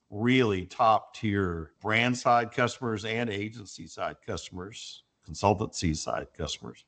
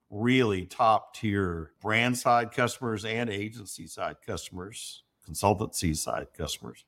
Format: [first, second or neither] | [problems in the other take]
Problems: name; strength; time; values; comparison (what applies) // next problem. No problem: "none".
second | garbled, watery; slightly; nothing above 8 kHz